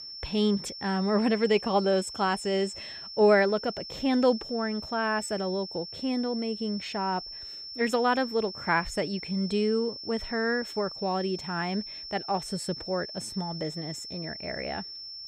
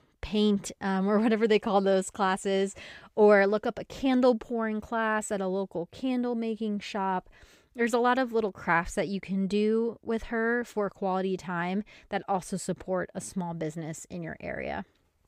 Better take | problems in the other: second | high-pitched whine; loud; throughout; 5.5 kHz, 9 dB below the speech

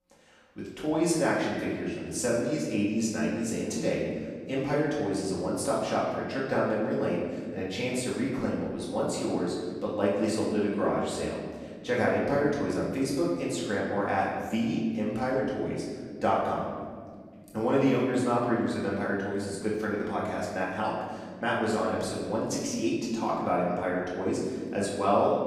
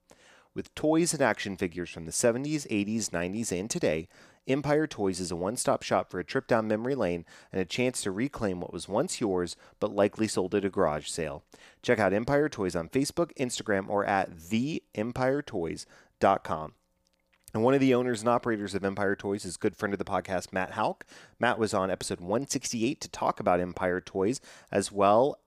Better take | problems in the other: second | off-mic speech; far // room echo; noticeable; dies away in 1.8 s

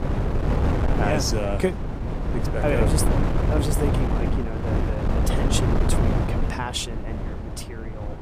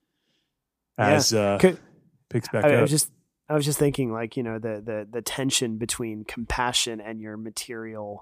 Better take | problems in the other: second | wind noise on the microphone; heavy; 1 dB below the speech

